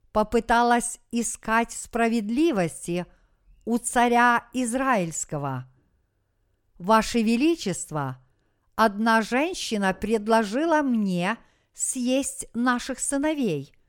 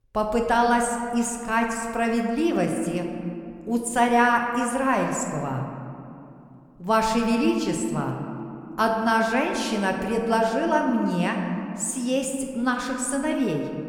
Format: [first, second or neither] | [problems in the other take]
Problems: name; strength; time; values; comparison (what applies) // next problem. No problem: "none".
first | room echo; slight; dies away in 2.1 s